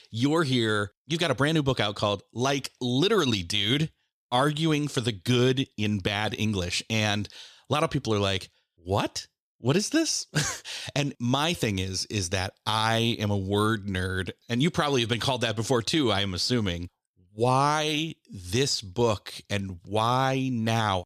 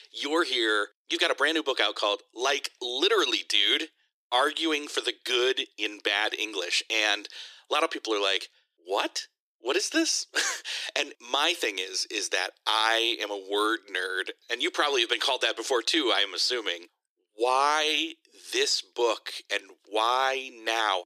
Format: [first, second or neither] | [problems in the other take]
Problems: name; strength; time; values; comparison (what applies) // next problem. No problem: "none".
first | thin; very; fading below 300 Hz